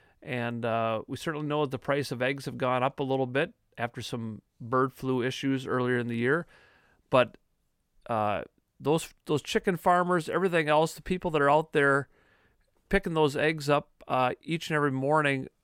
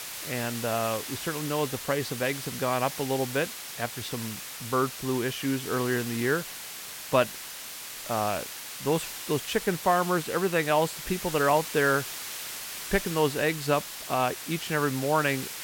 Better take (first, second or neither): first